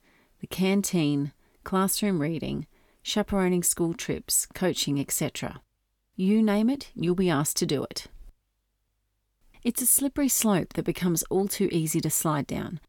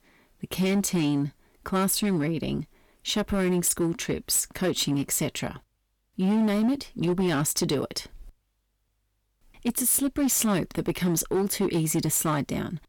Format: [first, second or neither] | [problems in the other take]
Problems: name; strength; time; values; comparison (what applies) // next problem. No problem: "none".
first | distortion; slight; 9% of the sound clipped